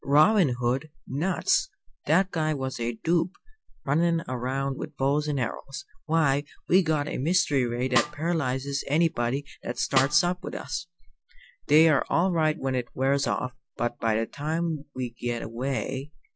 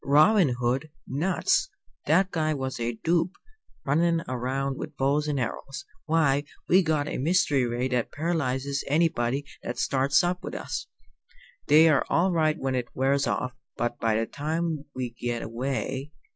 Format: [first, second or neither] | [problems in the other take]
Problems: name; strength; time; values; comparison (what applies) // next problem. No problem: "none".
second | background sound (Snare drum); 7 dB below the speech